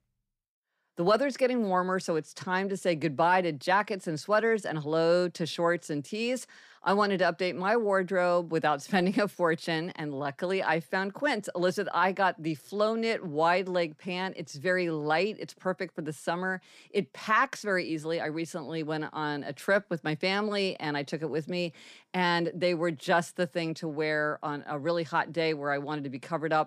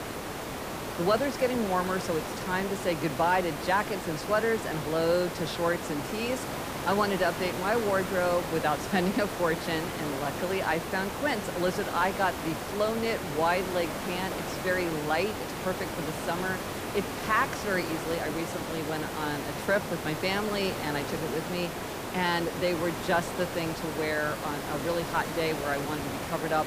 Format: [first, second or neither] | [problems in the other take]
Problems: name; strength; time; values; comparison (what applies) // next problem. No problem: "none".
first | hiss; loud; throughout; 4 dB below the speech